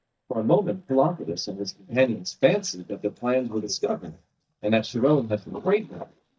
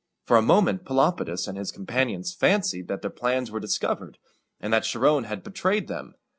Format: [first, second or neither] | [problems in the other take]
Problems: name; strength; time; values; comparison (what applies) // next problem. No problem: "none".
second | noise reduction (neural mask model DeepFilterNet 3)